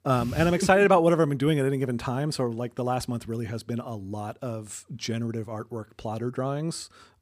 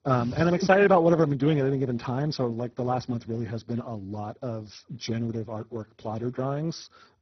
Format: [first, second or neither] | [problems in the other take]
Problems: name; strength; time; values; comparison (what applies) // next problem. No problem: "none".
first | garbled, watery; badly; nothing above 6 kHz